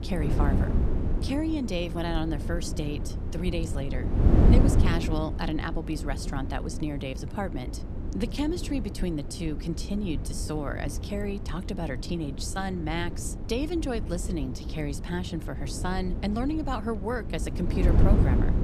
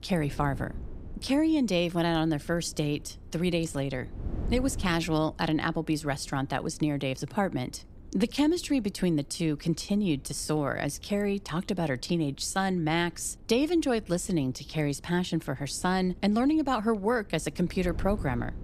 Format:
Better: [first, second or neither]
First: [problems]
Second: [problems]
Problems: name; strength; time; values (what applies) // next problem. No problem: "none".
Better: second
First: wind noise on the microphone; heavy; 5 dB below the speech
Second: wind noise on the microphone; occasional gusts; 25 dB below the speech